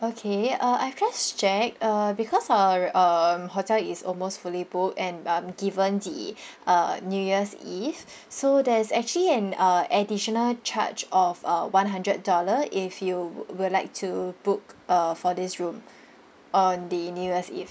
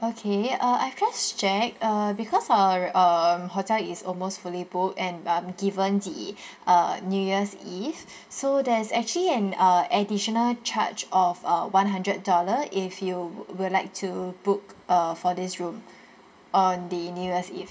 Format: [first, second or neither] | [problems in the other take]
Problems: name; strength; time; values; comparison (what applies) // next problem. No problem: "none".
first | room echo; dies away in 0.3 s